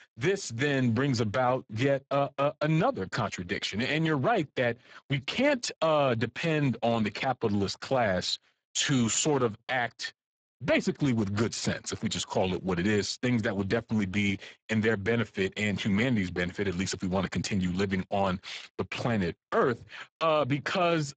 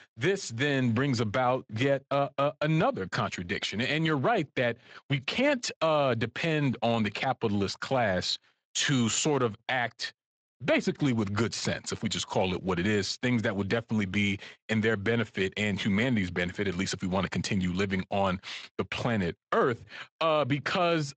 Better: second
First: garbled, watery; badly; nothing above 7.5 kHz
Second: garbled, watery; slightly; nothing above 7.5 kHz

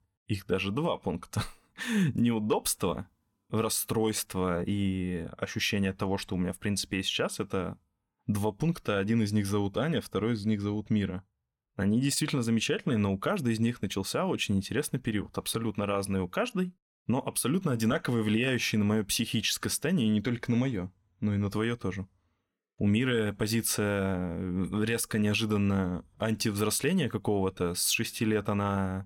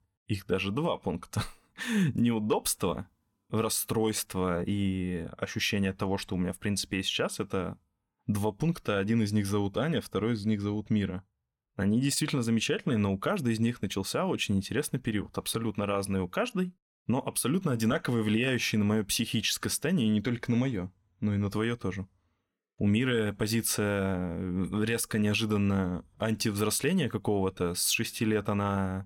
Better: neither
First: none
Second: none

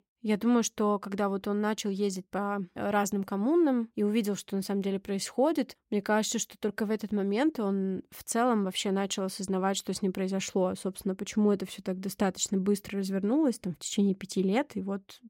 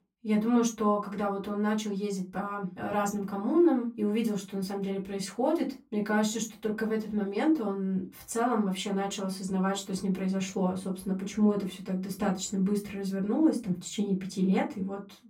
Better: first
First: none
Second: off-mic speech; far // room echo; very slight; dies away in 0.2 s

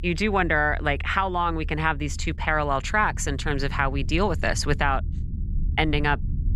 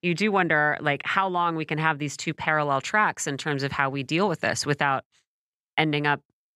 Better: second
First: low rumble; faint; throughout; 25 dB below the speech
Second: none

